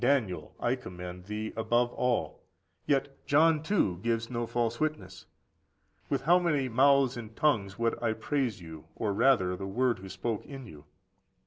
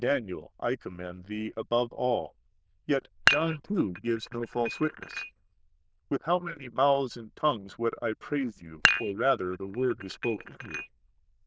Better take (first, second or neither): first